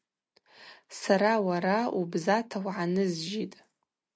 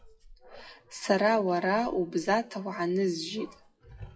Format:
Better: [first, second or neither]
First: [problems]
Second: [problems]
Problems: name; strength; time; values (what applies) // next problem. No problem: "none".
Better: first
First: none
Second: noise reduction (classical method WPE with log-MMSE)